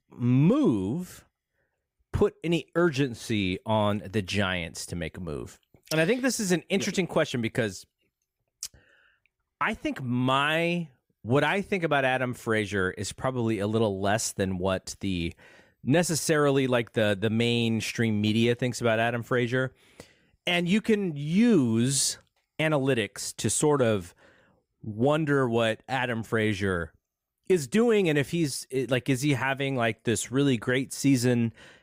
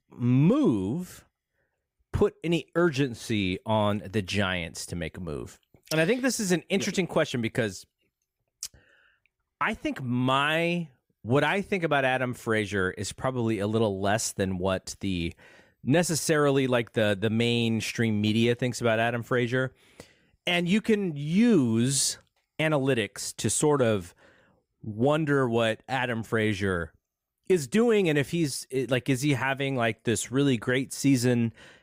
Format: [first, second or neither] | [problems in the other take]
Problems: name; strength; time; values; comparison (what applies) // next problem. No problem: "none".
neither | none